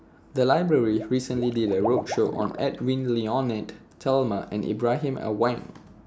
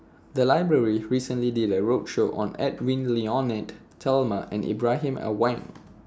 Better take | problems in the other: second | background sound (Liquid); 12 dB below the speech

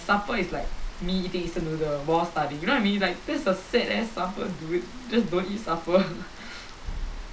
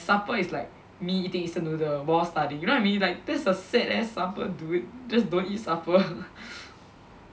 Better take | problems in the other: second | background sound (Rain); 10 dB below the speech

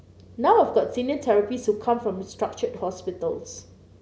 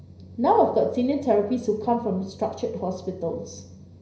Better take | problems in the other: first | room echo; dies away in 0.5 s

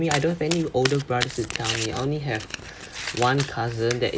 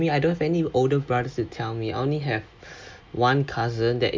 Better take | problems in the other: second | background sound (Domestic sounds, home sounds); 8 dB below the speech

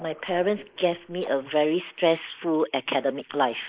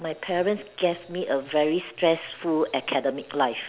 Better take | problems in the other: second | noise reduction (neural mask model Resemble Enhance denoiser)

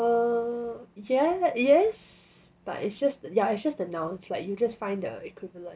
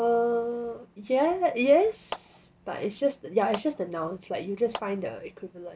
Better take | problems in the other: first | background sound (Clapping); 17 dB below the speech

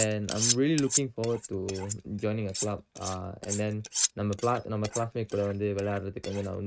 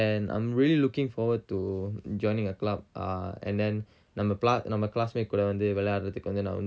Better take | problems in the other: second | noise reduction (neural mask model RNNoise)

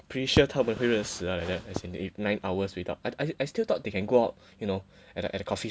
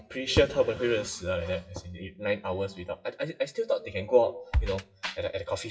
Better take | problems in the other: first | noise reduction (classical method WPE with log-MMSE)

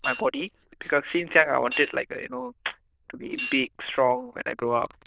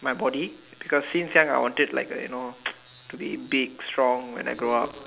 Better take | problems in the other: second | noise reduction (neural diffusion model UNIVERSE++)

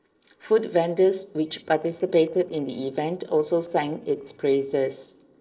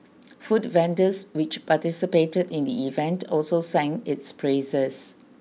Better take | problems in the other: second | noise reduction (neural separator model SepFormer DNS4)

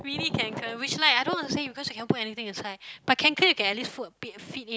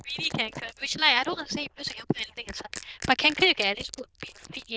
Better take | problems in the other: first | noise reduction (neural diffusion model UNIVERSE++)

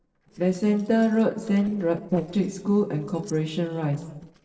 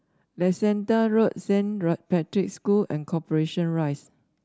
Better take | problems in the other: second | noise reduction (neural separator model SepFormer DNS4)

